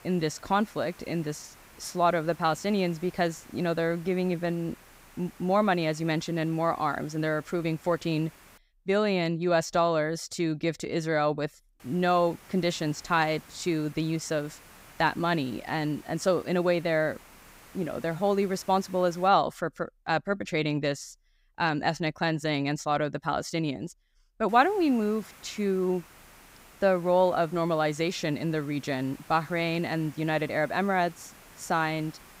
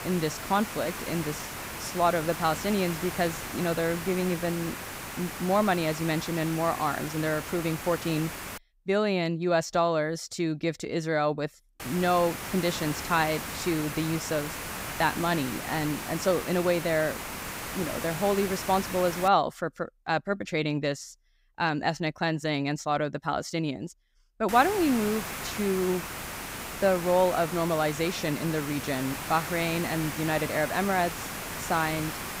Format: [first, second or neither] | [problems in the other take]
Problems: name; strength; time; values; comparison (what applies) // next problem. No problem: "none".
first | hiss; loud; until 8.5 s, from 12 to 19 s and from 24 s on; 7 dB below the speech; faint in the first